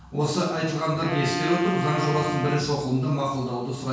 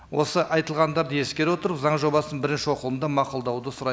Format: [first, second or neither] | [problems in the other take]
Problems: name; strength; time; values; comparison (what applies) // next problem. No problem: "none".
second | background sound (Wind instrument, woodwind instrument); 7 dB below the speech // room echo; dies away in 0.6 s